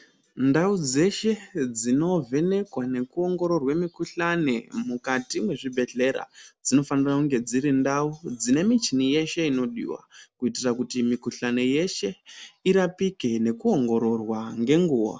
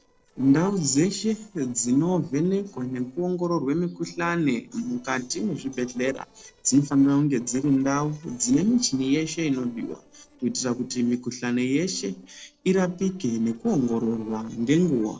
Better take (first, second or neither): first